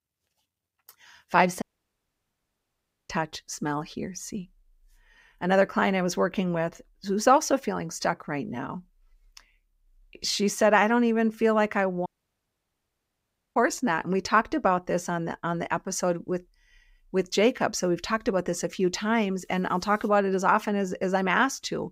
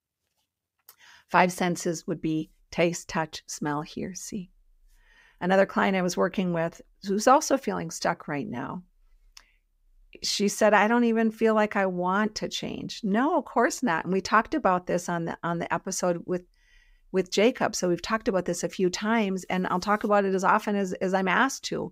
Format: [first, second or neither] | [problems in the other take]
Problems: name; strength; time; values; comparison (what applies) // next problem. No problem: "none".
second | audio cutting out; at 1.5 s for 1.5 s and at 12 s for 1.5 s